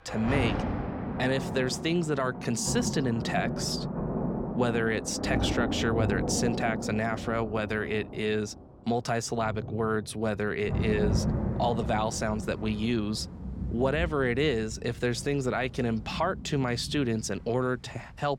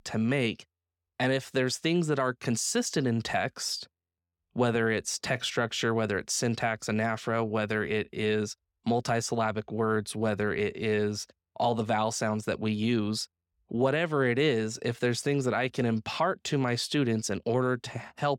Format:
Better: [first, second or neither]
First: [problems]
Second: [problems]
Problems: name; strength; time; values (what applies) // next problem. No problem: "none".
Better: second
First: rain or running water; loud; throughout; 4 dB below the speech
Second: none